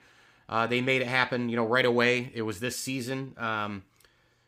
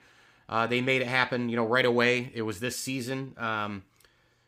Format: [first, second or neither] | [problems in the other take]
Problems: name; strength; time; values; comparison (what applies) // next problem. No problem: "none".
neither | none